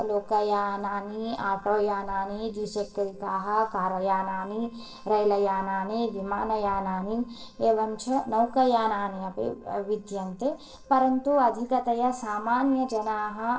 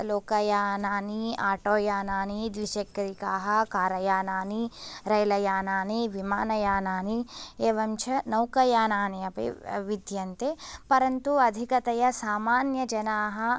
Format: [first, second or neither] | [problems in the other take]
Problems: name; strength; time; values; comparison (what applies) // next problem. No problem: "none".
second | noise reduction (neural separator model SepFormer DNS4)